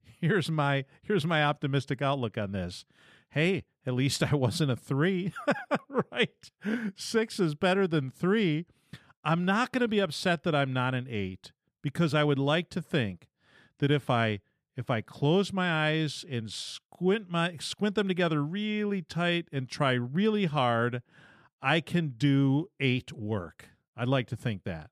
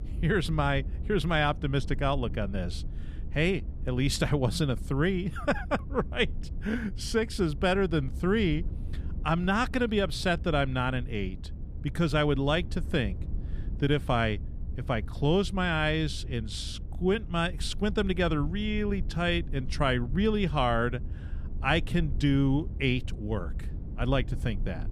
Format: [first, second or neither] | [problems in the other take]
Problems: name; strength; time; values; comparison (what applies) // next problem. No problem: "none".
first | low rumble; faint; throughout; 20 dB below the speech